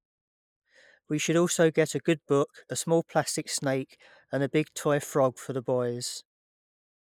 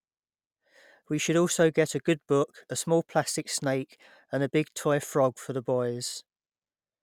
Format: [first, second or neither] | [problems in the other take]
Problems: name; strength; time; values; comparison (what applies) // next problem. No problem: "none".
second | noise reduction (neural mask model Resemble Enhance denoiser)